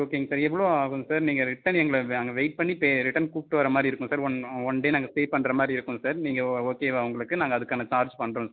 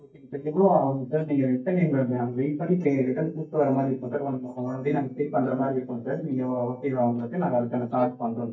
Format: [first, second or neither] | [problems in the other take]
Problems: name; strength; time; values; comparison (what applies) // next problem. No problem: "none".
first | noise reduction (neural mask model DeepFilterNet 3)